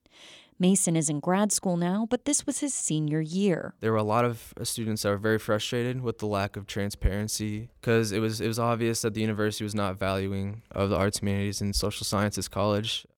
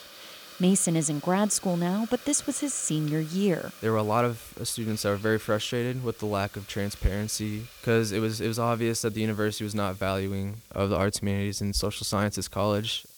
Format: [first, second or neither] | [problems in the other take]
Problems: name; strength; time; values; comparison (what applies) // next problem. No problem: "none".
first | hiss; noticeable; throughout; 20 dB below the speech